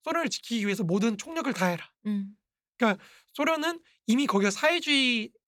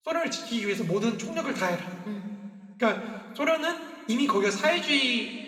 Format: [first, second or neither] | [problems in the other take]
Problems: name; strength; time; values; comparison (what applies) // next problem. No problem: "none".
first | room echo; noticeable; dies away in 1.7 s // off-mic speech; somewhat distant